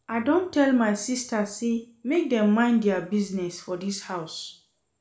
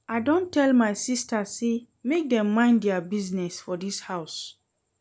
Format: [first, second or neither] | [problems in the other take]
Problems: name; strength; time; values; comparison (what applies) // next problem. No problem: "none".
second | room echo; dies away in 0.4 s